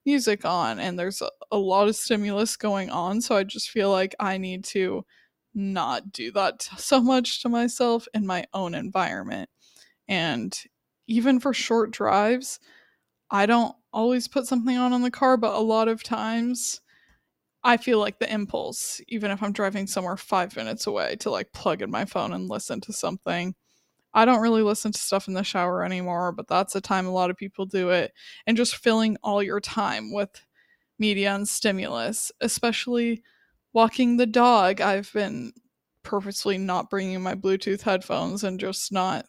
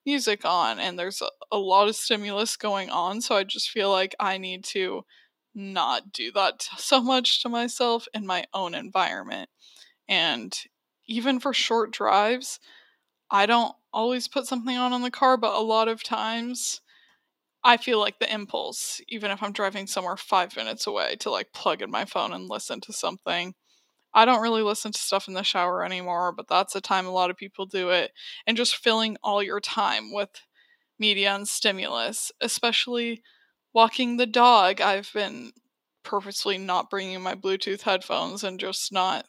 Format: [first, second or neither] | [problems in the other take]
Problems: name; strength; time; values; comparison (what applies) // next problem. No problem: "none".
first | thin; very slightly; fading below 250 Hz